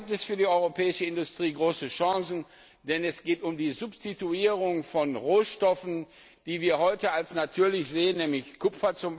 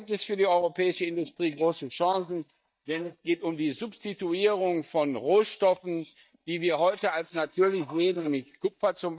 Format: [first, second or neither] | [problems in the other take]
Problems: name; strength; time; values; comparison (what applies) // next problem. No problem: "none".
first | noise reduction (neural mask model DeepFilterNet 3)